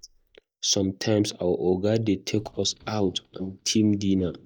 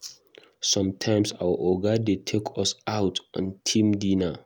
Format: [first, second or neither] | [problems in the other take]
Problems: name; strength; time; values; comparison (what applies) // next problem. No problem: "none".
second | noise reduction (neural mask model DeepFilterNet 3)